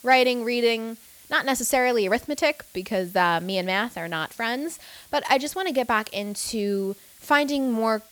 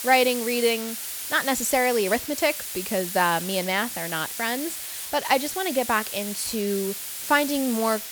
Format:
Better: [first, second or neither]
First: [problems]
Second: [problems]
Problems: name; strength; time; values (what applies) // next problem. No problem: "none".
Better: first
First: hiss; faint; throughout; 25 dB below the speech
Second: hiss; loud; throughout; 6 dB below the speech